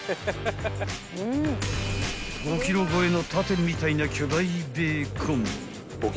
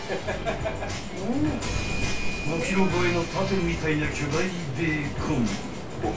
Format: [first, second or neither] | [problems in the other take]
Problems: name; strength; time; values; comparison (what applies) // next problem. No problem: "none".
first | background sound (Ocean); 12 dB below the speech // room echo; dies away in 0.2 s